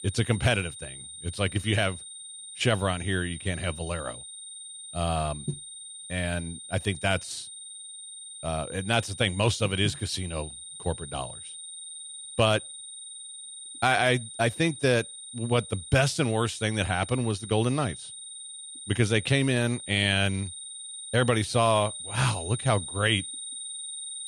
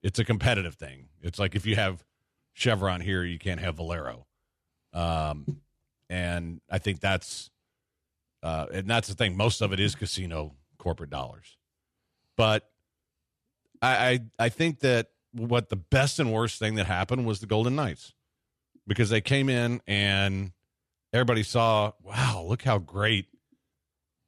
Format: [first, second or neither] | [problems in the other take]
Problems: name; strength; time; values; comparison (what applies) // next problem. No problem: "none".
second | high-pitched whine; noticeable; throughout; 9 kHz, 10 dB below the speech